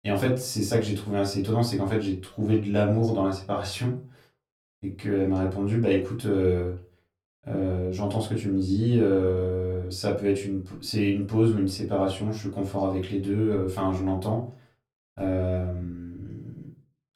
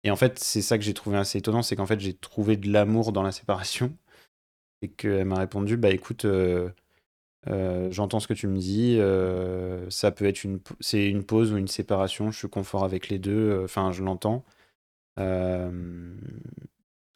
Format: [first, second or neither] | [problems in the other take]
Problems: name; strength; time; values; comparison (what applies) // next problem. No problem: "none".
second | off-mic speech; far // room echo; slight; dies away in 0.3 s